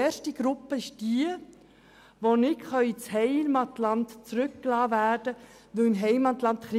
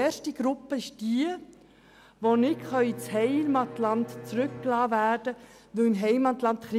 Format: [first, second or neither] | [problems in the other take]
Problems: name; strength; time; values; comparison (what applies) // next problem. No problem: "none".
first | background sound (Bowed string instrument); 18 dB below the speech